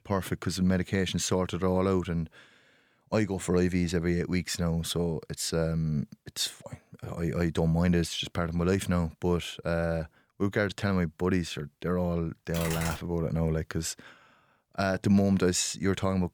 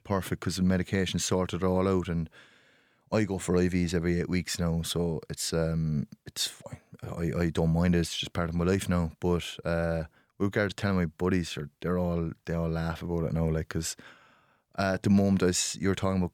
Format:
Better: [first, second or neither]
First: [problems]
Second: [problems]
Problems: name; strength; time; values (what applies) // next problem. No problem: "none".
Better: second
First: keyboard typing; noticeable; at 13 s; peak 5 dB below the speech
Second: none